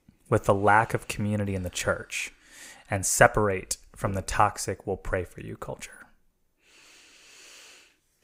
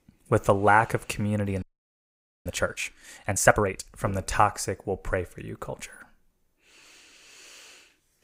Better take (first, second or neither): first